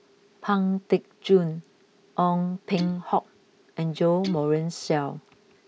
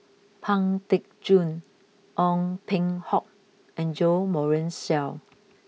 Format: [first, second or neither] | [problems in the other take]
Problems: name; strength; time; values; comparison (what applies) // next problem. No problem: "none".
second | background sound (Guitar); 19 dB below the speech